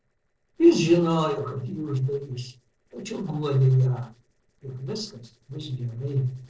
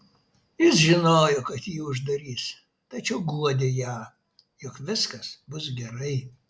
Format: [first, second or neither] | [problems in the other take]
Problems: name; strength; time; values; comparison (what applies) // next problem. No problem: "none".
second | noise reduction (neural separator model SepFormer DNS4)